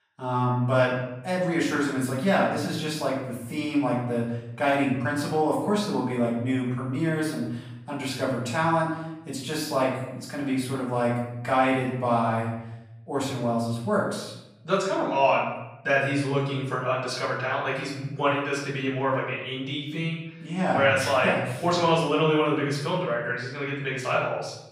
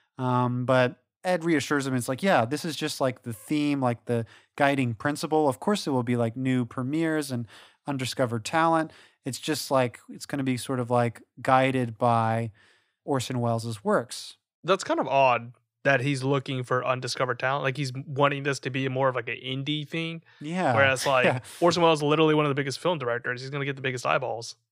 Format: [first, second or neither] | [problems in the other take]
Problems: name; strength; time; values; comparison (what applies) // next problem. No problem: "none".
second | off-mic speech; far // room echo; noticeable; dies away in 0.8 s